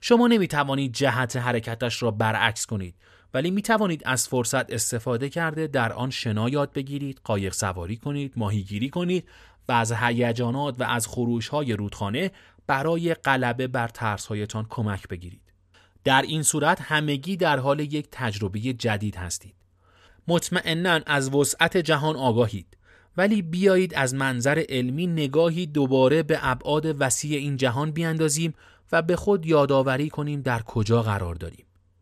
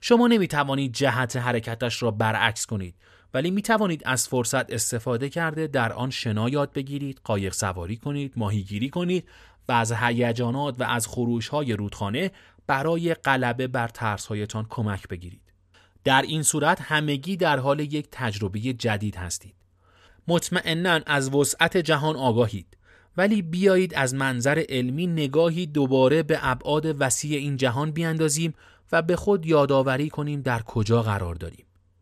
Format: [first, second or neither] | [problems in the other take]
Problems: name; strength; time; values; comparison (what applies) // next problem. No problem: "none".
neither | none